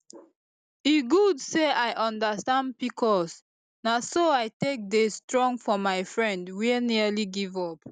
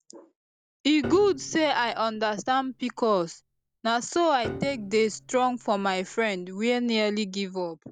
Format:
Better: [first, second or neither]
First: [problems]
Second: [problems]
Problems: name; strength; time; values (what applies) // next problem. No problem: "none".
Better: first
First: none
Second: background sound (Piano); 17 dB below the speech